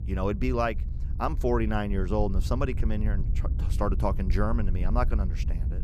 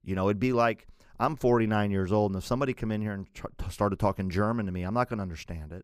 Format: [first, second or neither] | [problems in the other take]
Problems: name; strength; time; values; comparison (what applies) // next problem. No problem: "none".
second | low rumble; noticeable; throughout; 15 dB below the speech